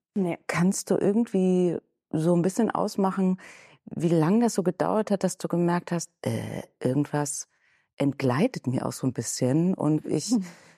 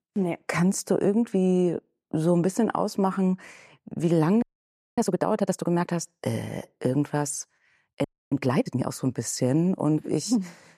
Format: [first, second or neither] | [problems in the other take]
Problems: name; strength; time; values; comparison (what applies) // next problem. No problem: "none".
first | audio freezing; at 4.5 s for 0.5 s and at 8 s